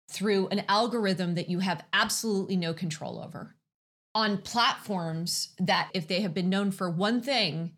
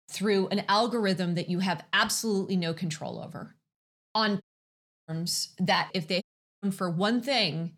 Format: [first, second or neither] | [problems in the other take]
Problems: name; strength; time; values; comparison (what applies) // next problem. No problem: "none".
first | audio cutting out; at 4.5 s for 0.5 s and at 6 s